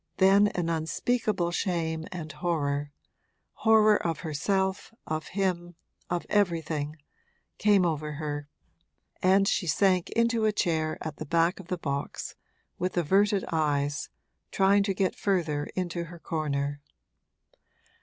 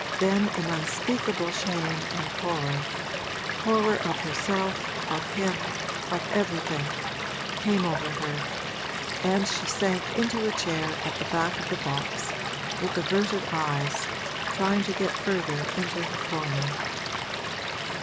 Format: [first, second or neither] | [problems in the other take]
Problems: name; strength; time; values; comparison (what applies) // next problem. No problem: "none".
first | background sound (Stream / Liquid); 1 dB below the speech